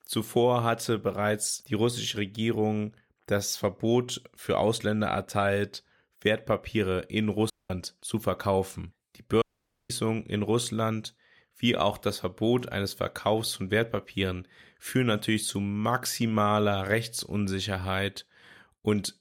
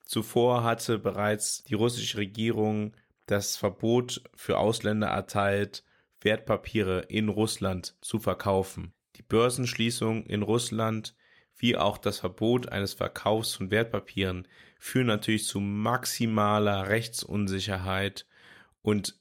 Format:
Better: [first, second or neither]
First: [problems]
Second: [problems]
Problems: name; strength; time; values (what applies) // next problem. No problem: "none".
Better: second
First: audio cutting out; at 7.5 s and at 9.5 s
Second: none